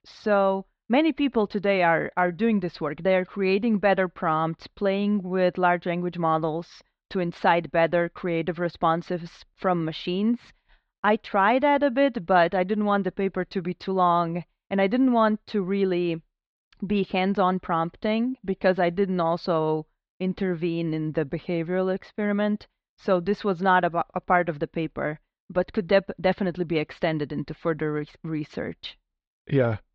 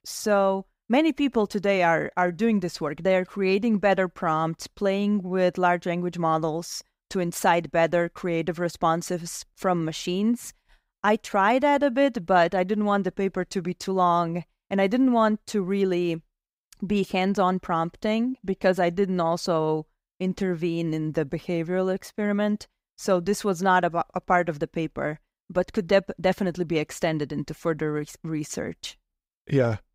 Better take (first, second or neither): second